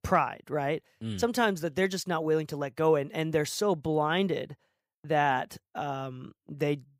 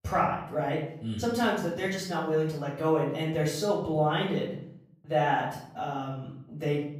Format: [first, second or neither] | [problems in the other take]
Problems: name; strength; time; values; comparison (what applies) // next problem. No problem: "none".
first | off-mic speech; far // room echo; noticeable; dies away in 0.6 s